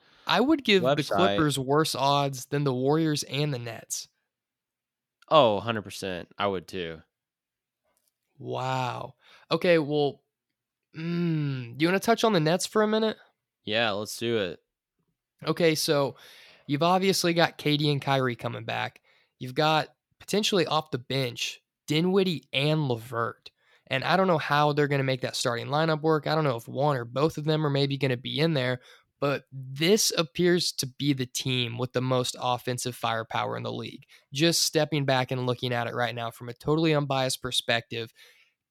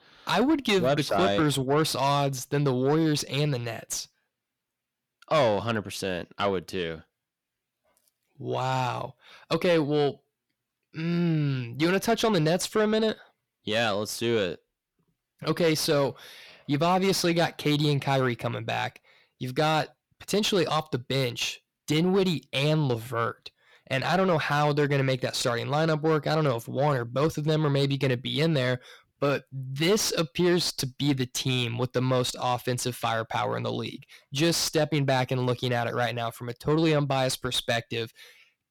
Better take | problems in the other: first | distortion; slight; 10 dB below the speech

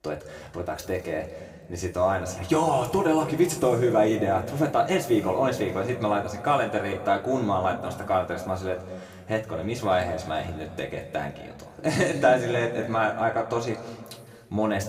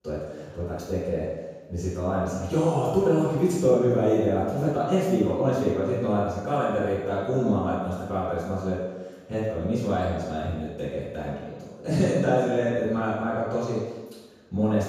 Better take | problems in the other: first | room echo; strong; dies away in 1.2 s; slight in the first // off-mic speech; far; somewhat distant in the first

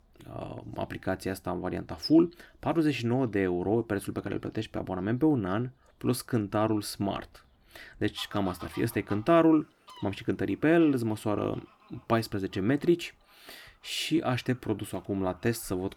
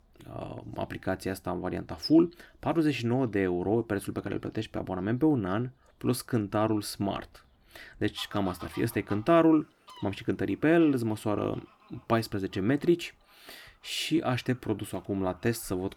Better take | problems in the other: neither | animal sounds; faint; throughout; 25 dB below the speech; the same in both

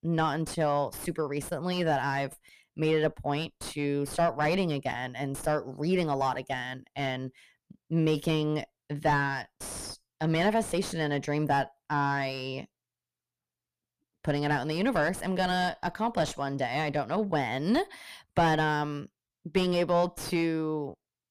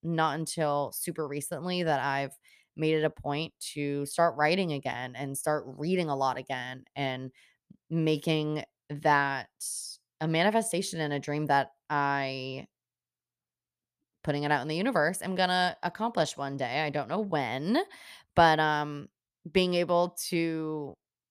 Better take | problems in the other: second | distortion; heavy; 5 dB below the speech

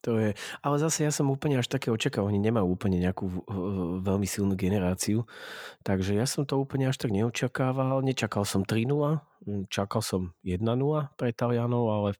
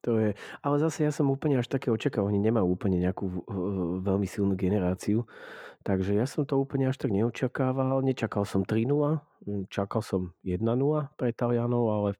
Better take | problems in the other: first | muffled; slightly; fading above 3 kHz

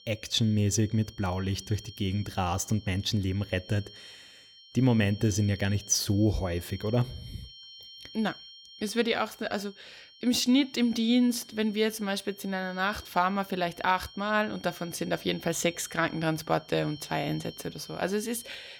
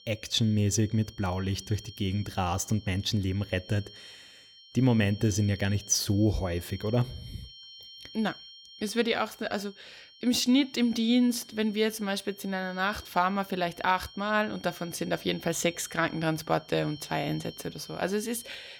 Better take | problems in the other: neither | high-pitched whine; noticeable; throughout; 3 kHz, 20 dB below the speech; the same in both

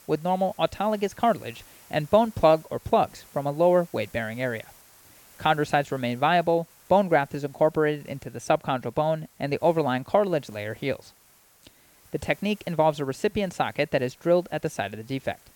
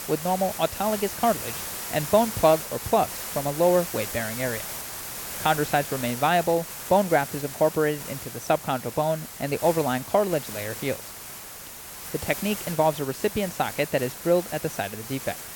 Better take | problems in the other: first | hiss; loud; throughout; 8 dB below the speech; faint in the first

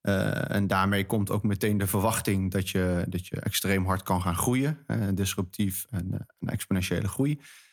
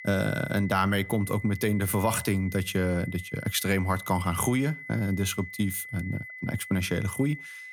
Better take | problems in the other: first | high-pitched whine; noticeable; throughout; 2 kHz, 15 dB below the speech

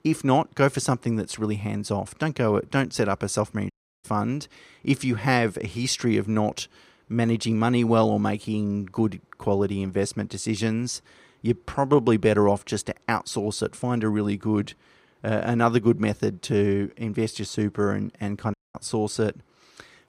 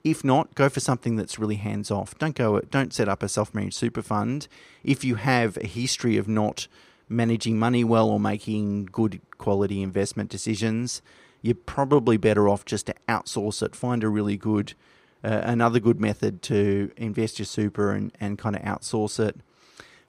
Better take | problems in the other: second | audio cutting out; at 3.5 s and at 19 s

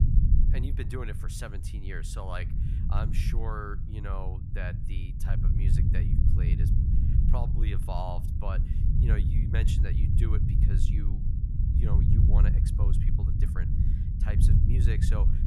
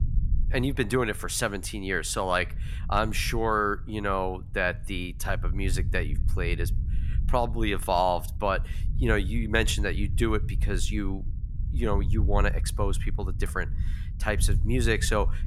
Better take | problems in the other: second | low rumble; loud; throughout; 1 dB below the speech; faint in the second

